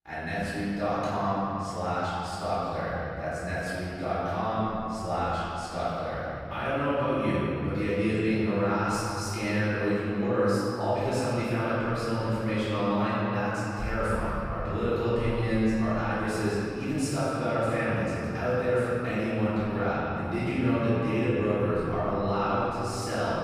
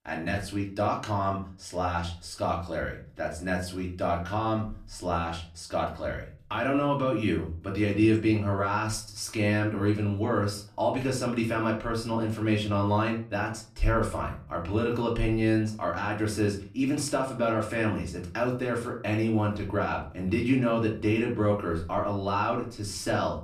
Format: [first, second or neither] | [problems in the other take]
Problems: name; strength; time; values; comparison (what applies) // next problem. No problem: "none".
second | room echo; strong; dies away in 3 s; slight in the second // off-mic speech; far; far in the second